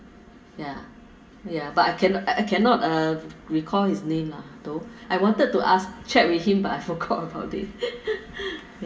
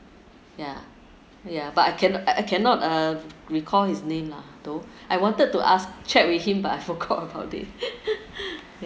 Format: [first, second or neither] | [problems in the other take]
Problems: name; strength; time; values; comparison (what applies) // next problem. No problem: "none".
second | room echo; dies away in 0.1 s